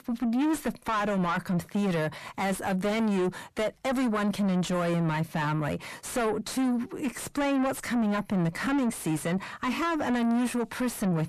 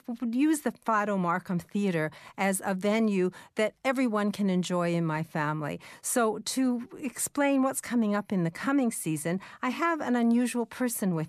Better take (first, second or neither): second